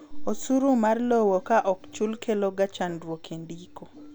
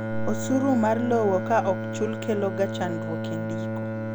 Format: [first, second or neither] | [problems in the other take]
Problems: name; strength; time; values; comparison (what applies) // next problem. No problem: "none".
first | background sound (Bowed string instrument); 4 dB below the speech